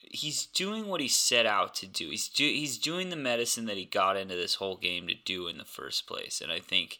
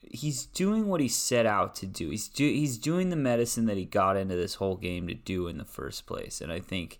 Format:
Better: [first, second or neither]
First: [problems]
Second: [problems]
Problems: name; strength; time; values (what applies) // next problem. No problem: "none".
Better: second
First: thin; very slightly; fading below 600 Hz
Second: none